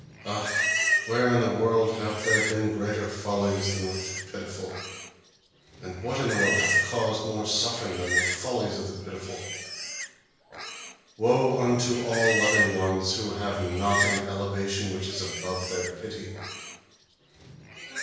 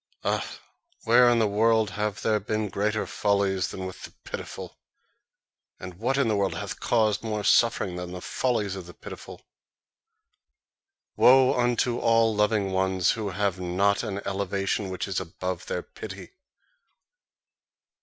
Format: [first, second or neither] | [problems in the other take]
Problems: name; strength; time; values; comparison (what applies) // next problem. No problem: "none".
second | background sound (Livestock, farm animals, working animals); 3 dB below the speech // room echo; dies away in 1 s